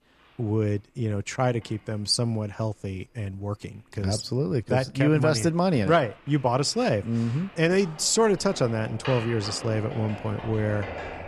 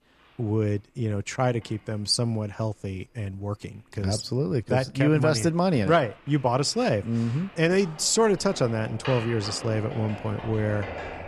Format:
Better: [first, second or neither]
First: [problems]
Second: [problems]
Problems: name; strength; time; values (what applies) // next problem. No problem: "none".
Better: neither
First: household noises; noticeable; throughout; 15 dB below the speech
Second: household noises; noticeable; throughout; 15 dB below the speech